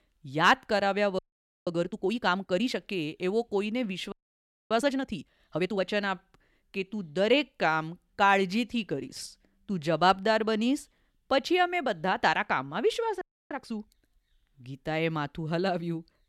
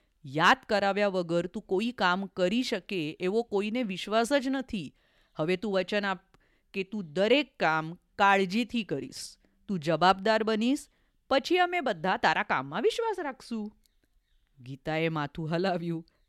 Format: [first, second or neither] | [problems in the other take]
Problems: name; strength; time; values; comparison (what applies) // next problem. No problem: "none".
second | audio freezing; at 1 s, at 4 s for 0.5 s and at 13 s